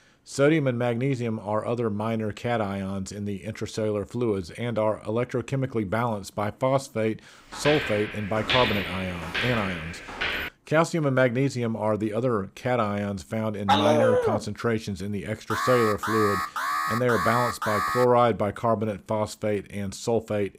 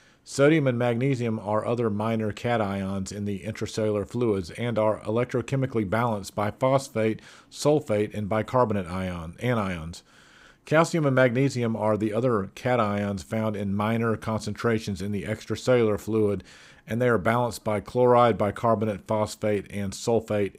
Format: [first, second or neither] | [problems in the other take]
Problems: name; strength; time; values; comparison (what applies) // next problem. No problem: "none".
second | footsteps; loud; from 7.5 to 10 s; peak 3 dB above the speech // dog barking; loud; at 14 s; peak 6 dB above the speech // alarm; loud; from 16 to 18 s; peak level with the speech